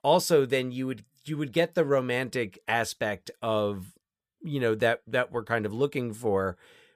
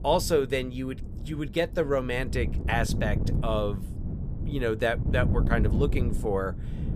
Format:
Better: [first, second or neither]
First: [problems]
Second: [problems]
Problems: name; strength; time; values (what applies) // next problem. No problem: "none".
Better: first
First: none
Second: wind noise on the microphone; occasional gusts; 15 dB below the speech